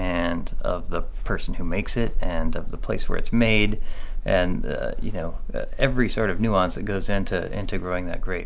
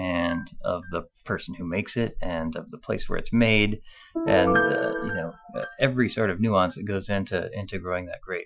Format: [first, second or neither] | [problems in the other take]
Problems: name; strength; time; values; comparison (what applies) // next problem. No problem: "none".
first | noise reduction (classical method Wiener filter)